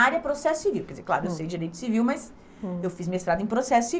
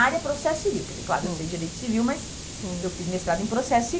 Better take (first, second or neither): first